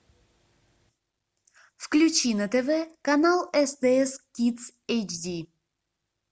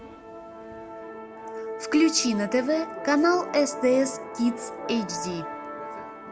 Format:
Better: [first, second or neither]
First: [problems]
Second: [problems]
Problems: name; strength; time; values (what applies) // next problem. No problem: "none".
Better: first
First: none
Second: background sound (Musical instrument); 10 dB below the speech